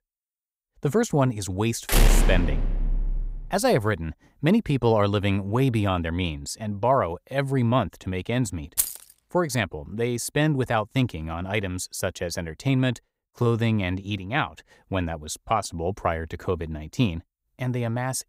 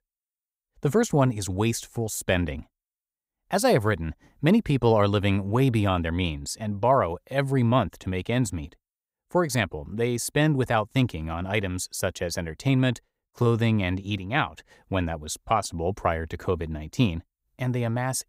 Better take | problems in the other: second | door banging; loud; from 2 to 3.5 s; peak 5 dB above the speech // jangling keys; loud; at 9 s; peak 1 dB above the speech

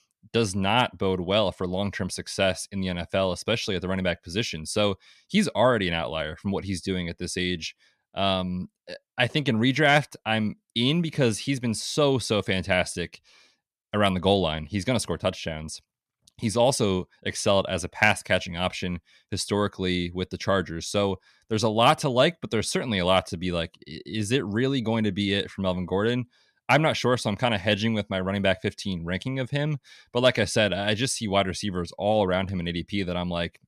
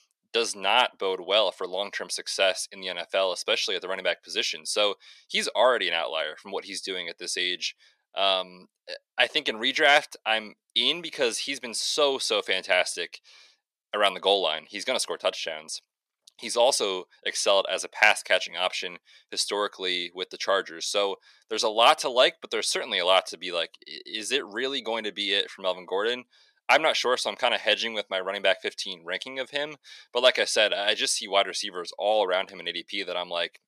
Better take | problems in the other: first | thin; very; fading below 450 Hz

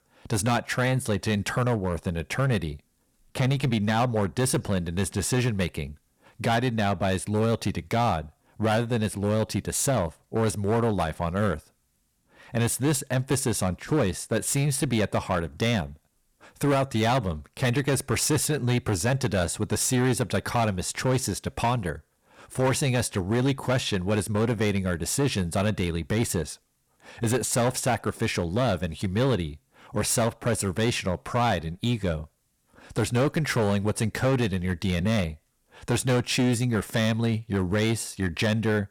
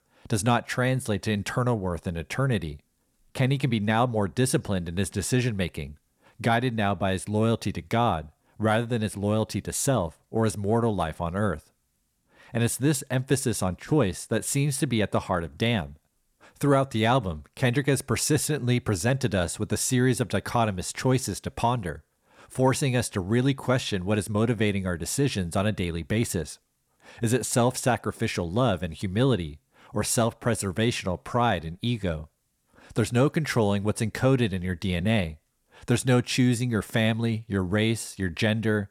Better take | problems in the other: second | distortion; slight; 11% of the sound clipped

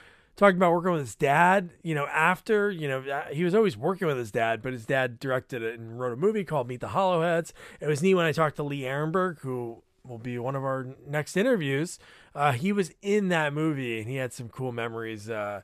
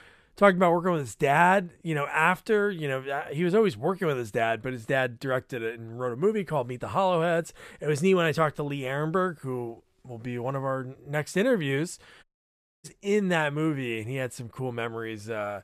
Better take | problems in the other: first | audio cutting out; at 12 s for 0.5 s

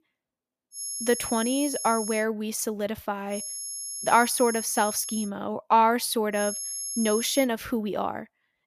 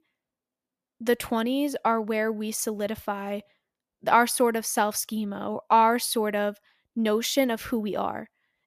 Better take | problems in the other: second | high-pitched whine; loud; from 1 to 2 s, from 3.5 to 5.5 s and from 6.5 to 7.5 s; 11 kHz, 6 dB below the speech

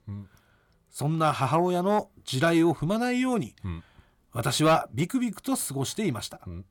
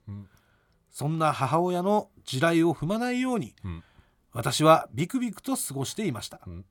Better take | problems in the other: second | distortion; slight; 10 dB below the speech

